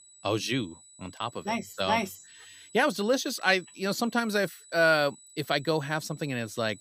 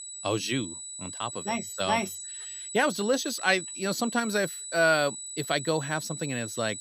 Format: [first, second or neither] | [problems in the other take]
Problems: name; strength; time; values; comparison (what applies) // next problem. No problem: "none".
first | high-pitched whine; loud; throughout; 8 kHz, 8 dB below the speech; faint in the first